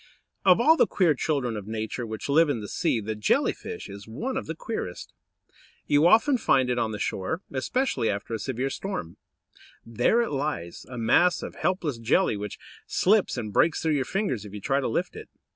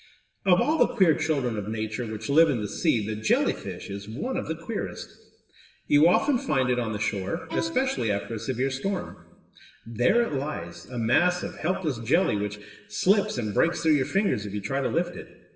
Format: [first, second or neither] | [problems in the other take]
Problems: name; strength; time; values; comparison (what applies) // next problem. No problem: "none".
first | background sound (Bowed string instrument); 11 dB below the speech // room echo; dies away in 1 s